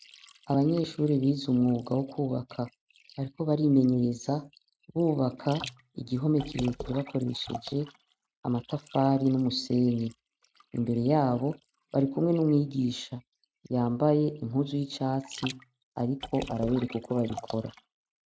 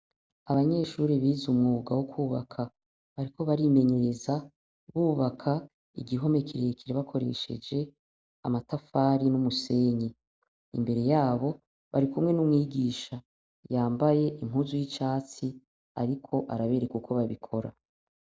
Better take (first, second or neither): second